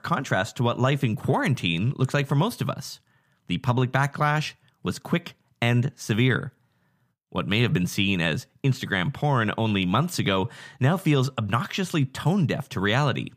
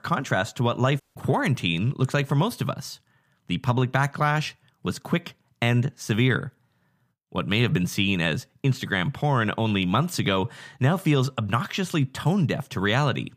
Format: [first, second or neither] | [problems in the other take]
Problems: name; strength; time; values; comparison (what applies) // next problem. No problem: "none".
first | audio cutting out; at 1 s